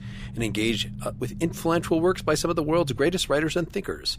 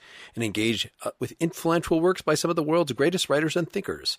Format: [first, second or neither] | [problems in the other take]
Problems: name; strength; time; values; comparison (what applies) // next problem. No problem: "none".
second | low rumble; faint; throughout; 25 dB below the speech